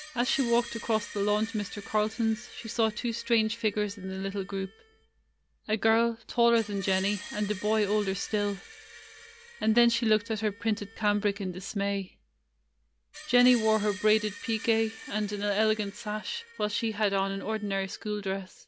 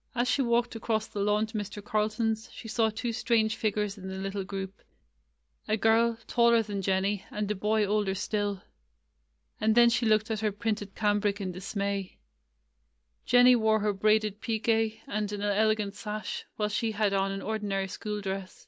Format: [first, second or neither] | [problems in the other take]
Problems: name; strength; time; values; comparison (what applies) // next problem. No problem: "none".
second | background sound (Screech); 18 dB below the speech